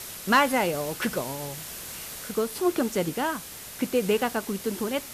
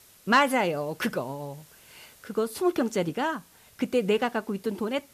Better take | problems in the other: second | hiss; loud; throughout; 10 dB below the speech; faint in the second

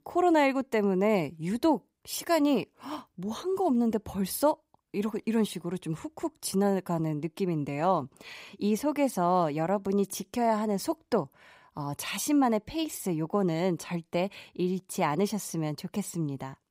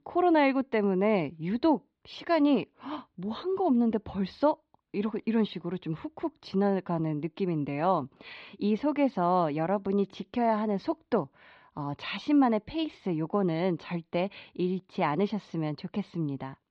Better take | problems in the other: first | muffled; slightly; fading above 4 kHz

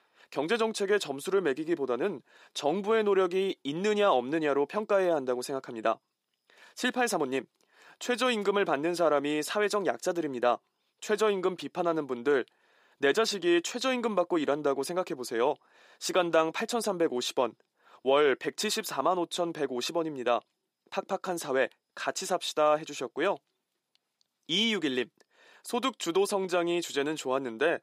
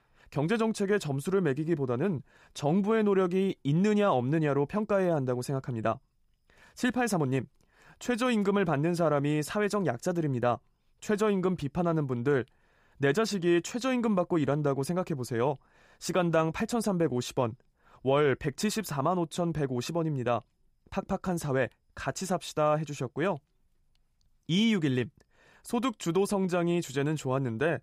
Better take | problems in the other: second | thin; somewhat; fading below 300 Hz

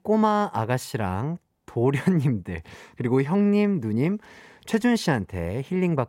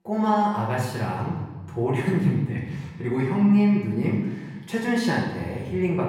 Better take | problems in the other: first | off-mic speech; far // room echo; noticeable; dies away in 1.1 s

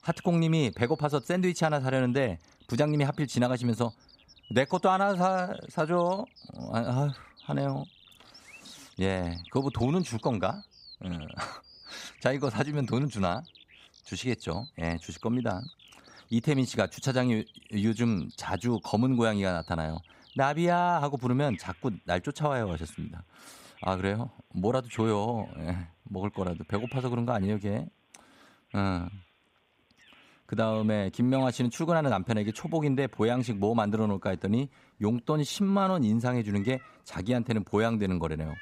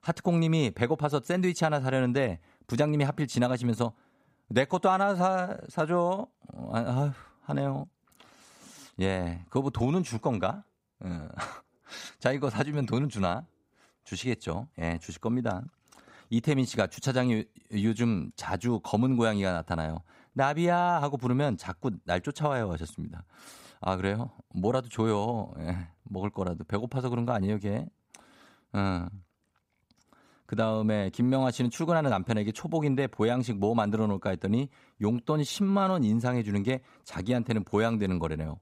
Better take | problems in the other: second | animal sounds; faint; throughout; 25 dB below the speech

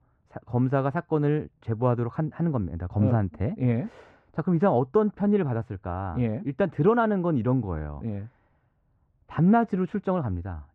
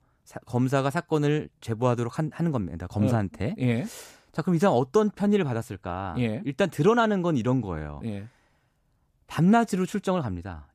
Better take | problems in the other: second | muffled; very; fading above 1.5 kHz

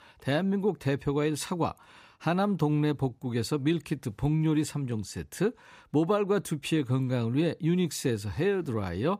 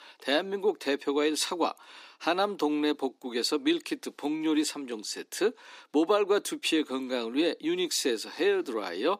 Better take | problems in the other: first | thin; somewhat; fading below 250 Hz

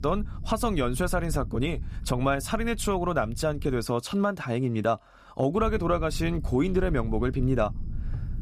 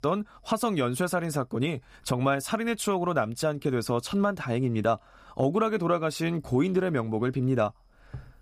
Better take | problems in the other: second | low rumble; faint; until 4 s and from 5.5 s on; 25 dB below the speech

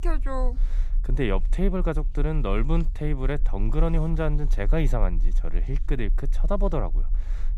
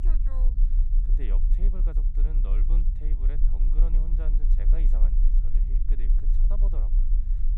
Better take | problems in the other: first | low rumble; loud; throughout; 2 dB below the speech; faint in the first

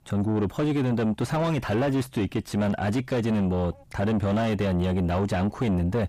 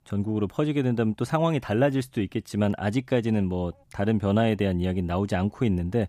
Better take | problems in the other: second | distortion; heavy; 6 dB below the speech

